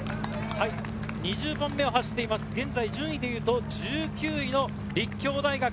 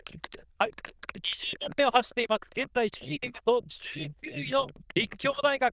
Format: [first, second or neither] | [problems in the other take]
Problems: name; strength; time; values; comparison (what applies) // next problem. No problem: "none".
first | noise reduction (neural diffusion model UNIVERSE++)